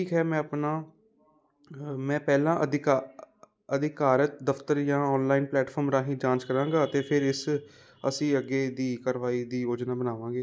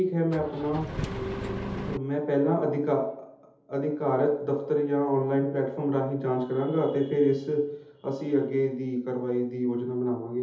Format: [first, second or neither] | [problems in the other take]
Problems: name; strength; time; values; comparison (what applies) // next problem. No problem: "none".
first | background sound (Engine); 6 dB below the speech // room echo; dies away in 0.8 s